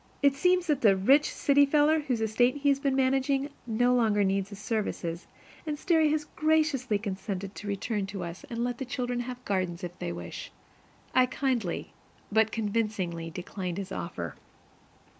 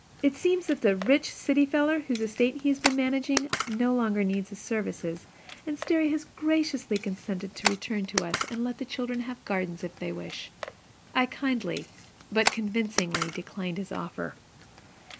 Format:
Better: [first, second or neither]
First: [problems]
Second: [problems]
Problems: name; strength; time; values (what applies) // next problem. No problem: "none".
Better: first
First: none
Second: background sound (Camera); 9 dB below the speech